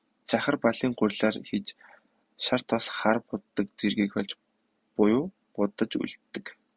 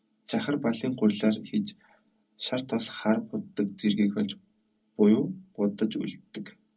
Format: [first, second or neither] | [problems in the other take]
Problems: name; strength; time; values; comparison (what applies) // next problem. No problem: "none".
first | room echo; dies away in 0.4 s